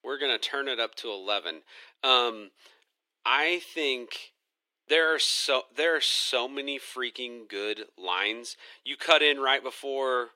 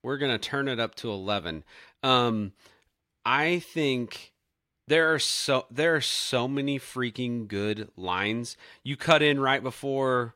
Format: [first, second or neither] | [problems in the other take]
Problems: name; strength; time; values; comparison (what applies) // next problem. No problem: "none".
second | thin; somewhat; fading below 350 Hz